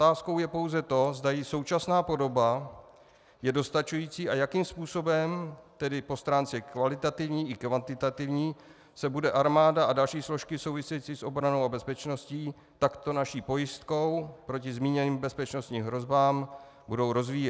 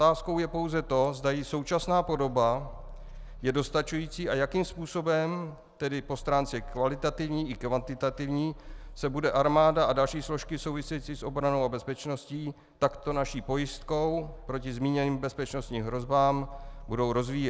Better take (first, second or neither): first